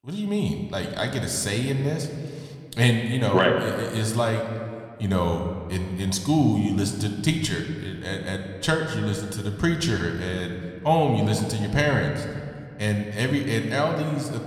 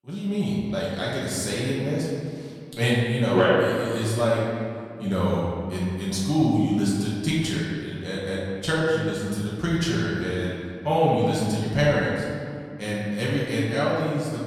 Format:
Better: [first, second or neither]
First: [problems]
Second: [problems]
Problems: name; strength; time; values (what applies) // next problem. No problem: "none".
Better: first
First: room echo; slight; dies away in 1.8 s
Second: room echo; strong; dies away in 2 s // off-mic speech; far